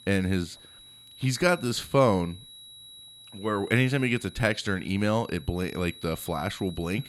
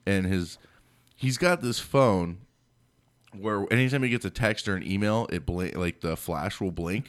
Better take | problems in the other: second | high-pitched whine; noticeable; throughout; 4 kHz, 20 dB below the speech

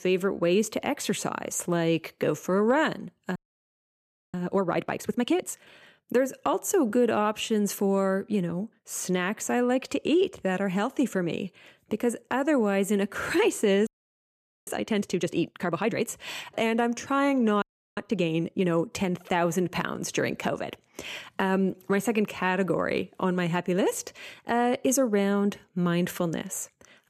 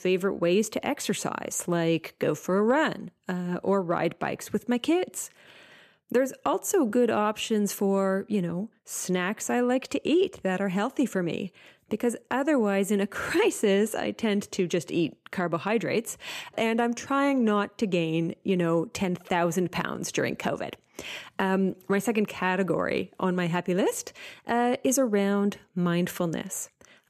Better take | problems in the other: second | audio freezing; at 3.5 s for 1 s, at 14 s for 1 s and at 18 s

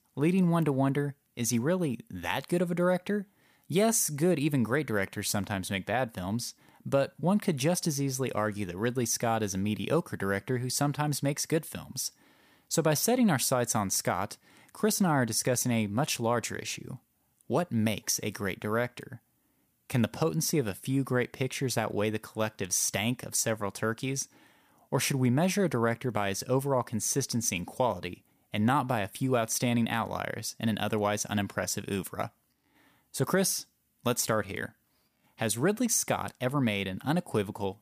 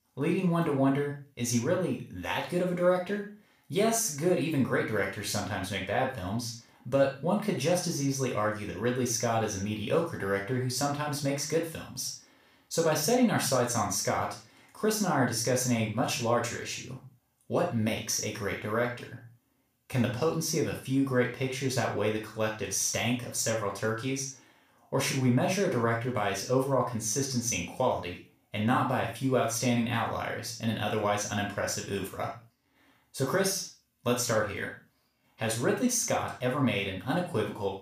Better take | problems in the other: first | room echo; noticeable; dies away in 0.3 s // off-mic speech; far

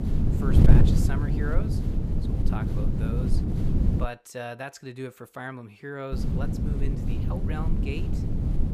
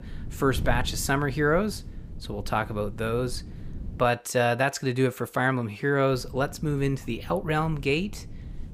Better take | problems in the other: second | wind noise on the microphone; heavy; until 4 s and from 6 s on; 2 dB above the speech; occasional gusts in the second

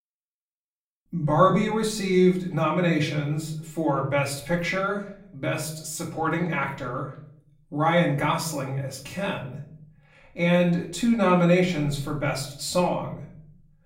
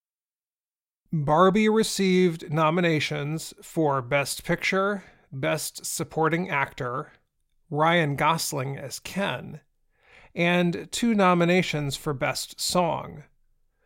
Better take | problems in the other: second | room echo; slight; dies away in 0.7 s // off-mic speech; far

